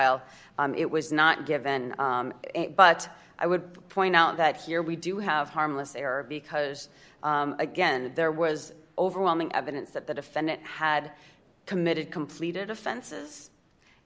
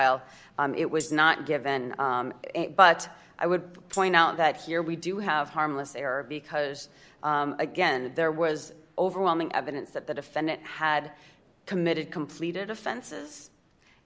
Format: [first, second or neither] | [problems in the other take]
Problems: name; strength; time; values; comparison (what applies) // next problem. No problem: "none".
first | background sound (Tambourine); 15 dB below the speech